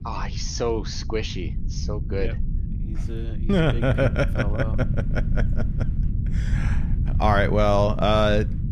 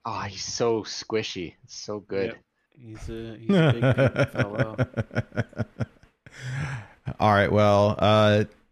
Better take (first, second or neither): second